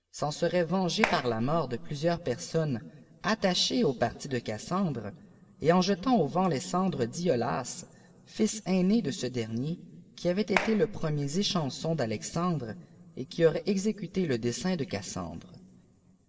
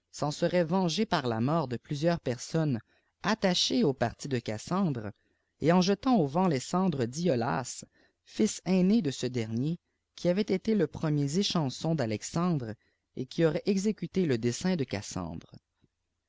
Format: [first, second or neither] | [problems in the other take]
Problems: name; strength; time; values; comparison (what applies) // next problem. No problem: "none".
second | background sound (Clapping); 6 dB below the speech // room echo; dies away in 2.2 s